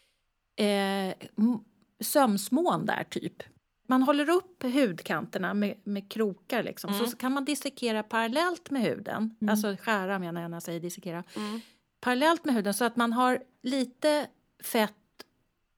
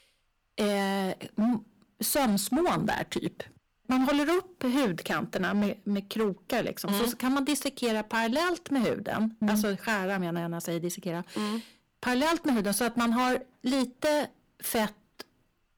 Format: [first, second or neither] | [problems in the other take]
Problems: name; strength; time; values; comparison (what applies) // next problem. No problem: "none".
first | distortion; heavy; 13% of the sound clipped